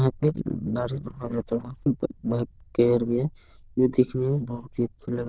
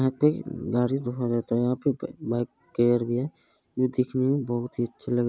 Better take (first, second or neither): second